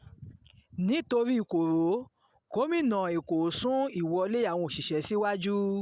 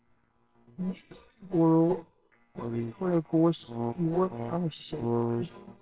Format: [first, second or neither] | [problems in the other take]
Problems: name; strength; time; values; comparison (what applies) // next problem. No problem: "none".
first | noise reduction (neural separator model SepFormer WHAMR!)